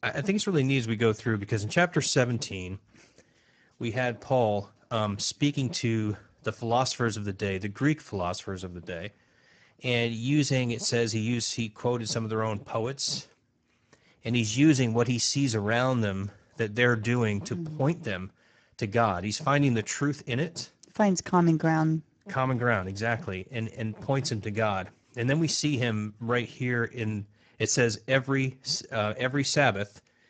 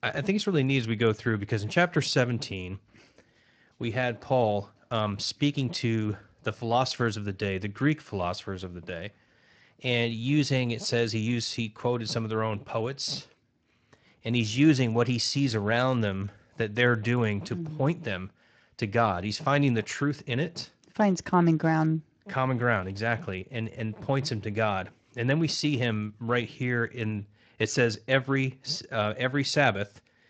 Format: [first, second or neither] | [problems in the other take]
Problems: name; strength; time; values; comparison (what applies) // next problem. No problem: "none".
second | garbled, watery; badly; nothing above 7.5 kHz; slightly in the second